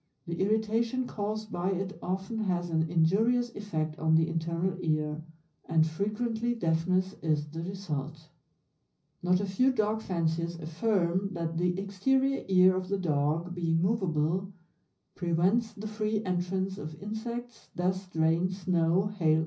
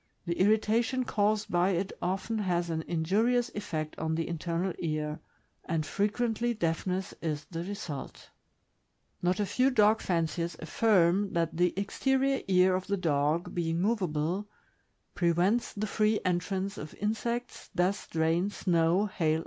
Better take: second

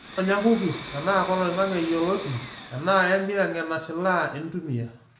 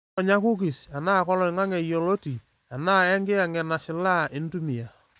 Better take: second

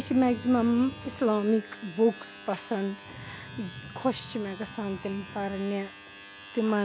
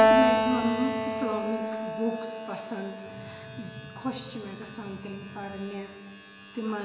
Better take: first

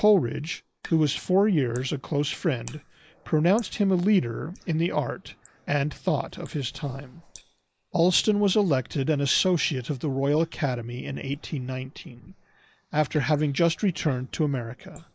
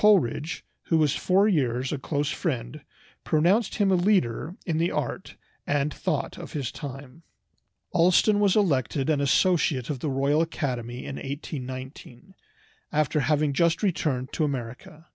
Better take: second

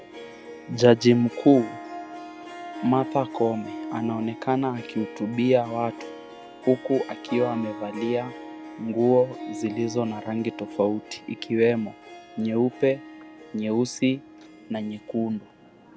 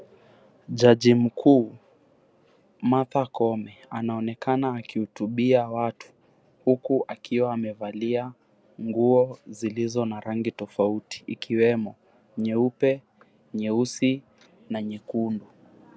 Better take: second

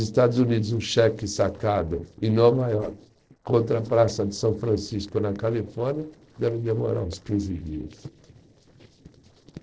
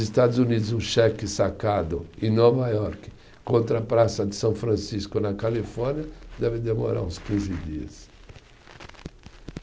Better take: second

